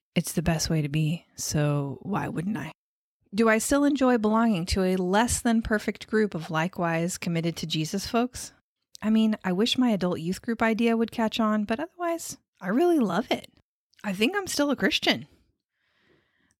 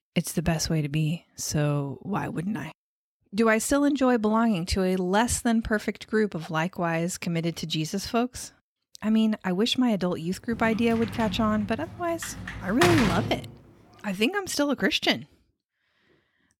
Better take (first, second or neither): first